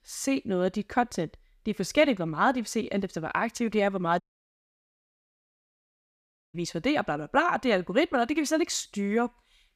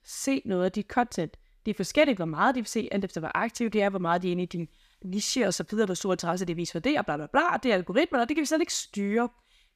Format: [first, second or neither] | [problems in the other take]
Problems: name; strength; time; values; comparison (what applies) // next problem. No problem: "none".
second | audio cutting out; at 4 s for 2.5 s